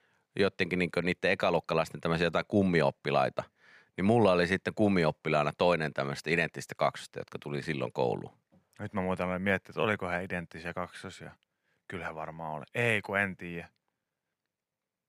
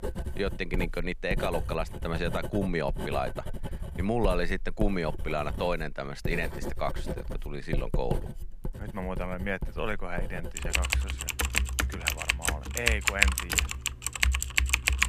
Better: first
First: none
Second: household noises; very loud; throughout; 2 dB above the speech

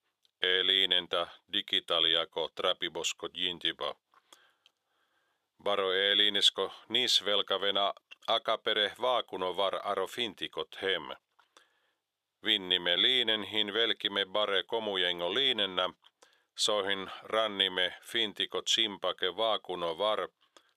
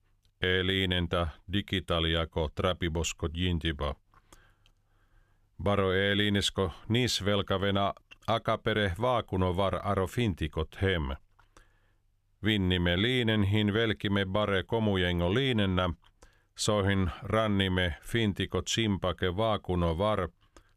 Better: second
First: thin; very; fading below 500 Hz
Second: none

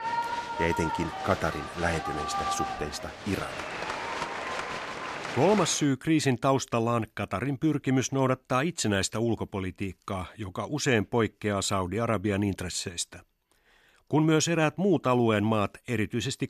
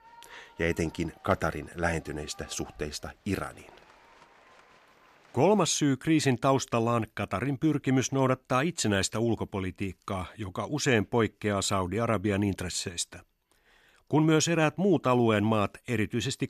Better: second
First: crowd noise; loud; until 6 s; 6 dB below the speech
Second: crowd noise; faint; until 6 s; 30 dB below the speech

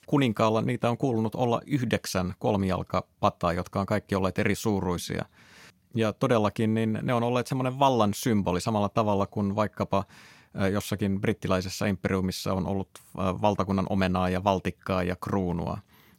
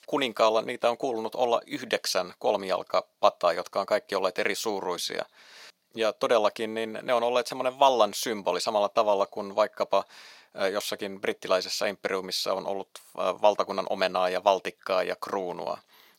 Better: first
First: none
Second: thin; very; fading below 500 Hz

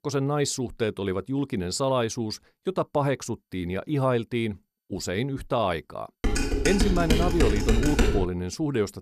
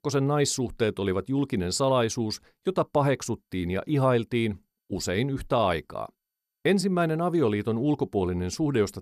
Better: second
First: clattering dishes; loud; from 6 to 8.5 s; peak 3 dB above the speech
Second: none

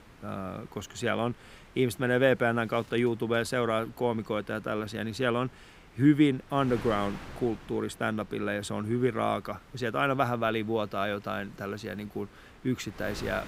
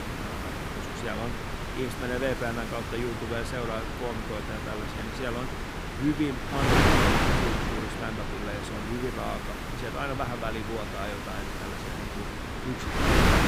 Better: first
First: wind noise on the microphone; occasional gusts; 20 dB below the speech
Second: wind noise on the microphone; heavy; 4 dB above the speech

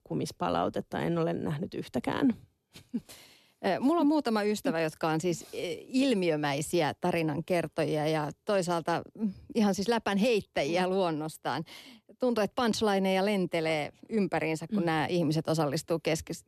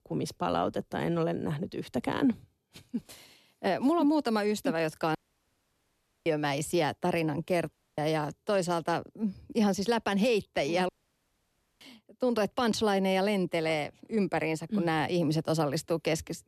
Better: first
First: none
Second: audio cutting out; at 5 s for 1 s, at 7.5 s and at 11 s for 1 s

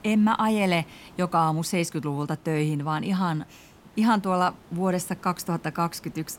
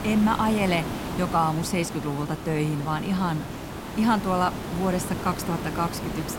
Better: first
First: hiss; faint; throughout; 25 dB below the speech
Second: hiss; loud; throughout; 7 dB below the speech

